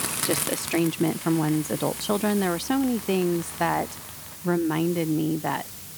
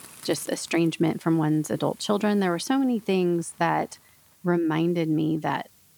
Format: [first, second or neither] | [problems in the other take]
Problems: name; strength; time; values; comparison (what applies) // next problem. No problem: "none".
second | hiss; loud; throughout; 7 dB below the speech; faint in the second